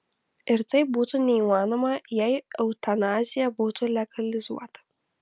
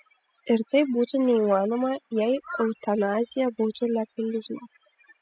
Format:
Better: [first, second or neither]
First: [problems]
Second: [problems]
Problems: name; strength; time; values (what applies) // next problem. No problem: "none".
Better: first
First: none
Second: noise reduction (classical method spectral subtraction)